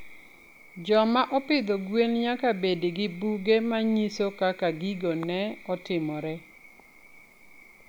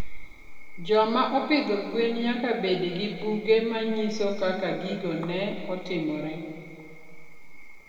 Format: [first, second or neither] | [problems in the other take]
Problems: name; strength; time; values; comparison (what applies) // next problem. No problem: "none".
first | room echo; dies away in 2.2 s